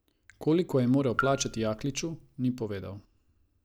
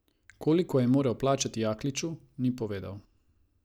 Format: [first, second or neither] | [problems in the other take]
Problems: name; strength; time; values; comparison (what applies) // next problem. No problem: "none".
second | background sound (Raindrop / Drip); 8 dB below the speech